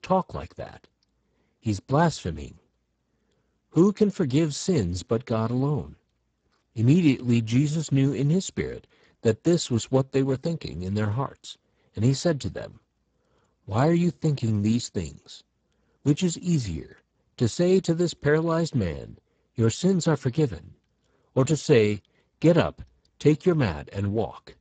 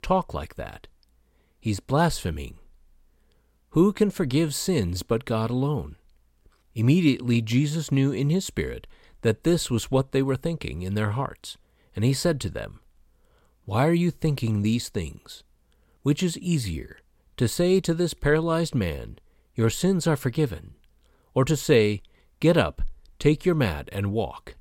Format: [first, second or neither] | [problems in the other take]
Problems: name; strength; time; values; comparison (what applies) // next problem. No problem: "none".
second | garbled, watery; badly; nothing above 7.5 kHz